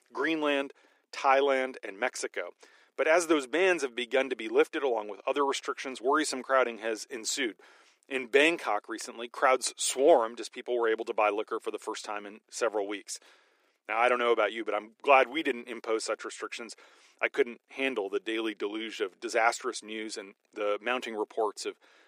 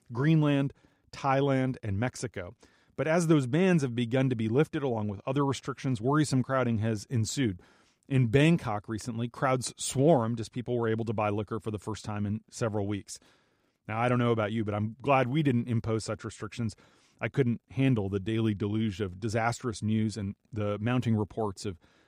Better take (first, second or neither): second